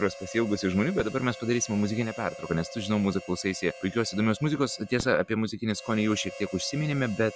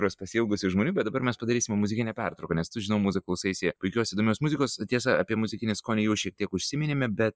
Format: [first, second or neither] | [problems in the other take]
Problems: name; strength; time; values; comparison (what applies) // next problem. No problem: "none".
second | background sound (Fireworks + Harmonica); 15 dB below the speech